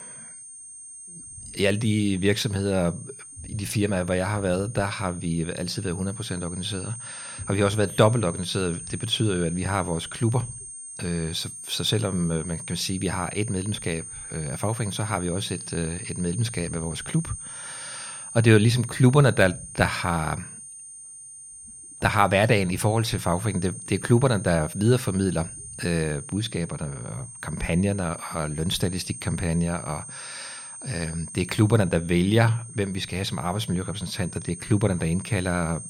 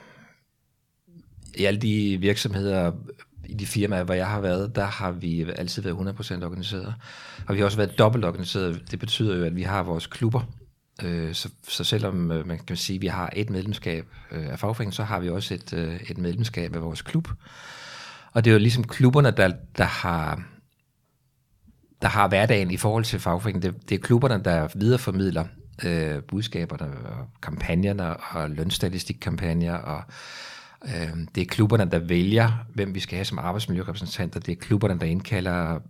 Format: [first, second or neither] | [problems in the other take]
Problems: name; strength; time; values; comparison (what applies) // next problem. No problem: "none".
second | high-pitched whine; noticeable; throughout; 8.5 kHz, 10 dB below the speech